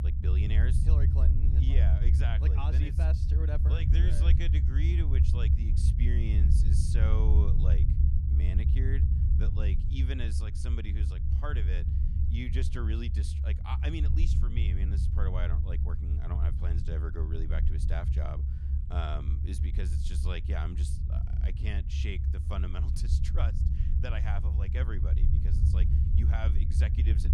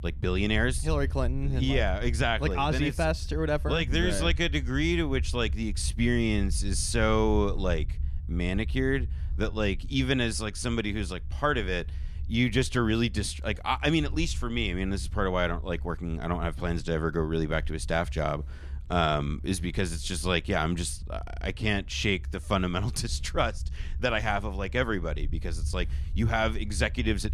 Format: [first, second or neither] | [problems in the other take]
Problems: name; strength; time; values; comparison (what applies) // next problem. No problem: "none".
second | low rumble; loud; throughout; 2 dB below the speech; faint in the second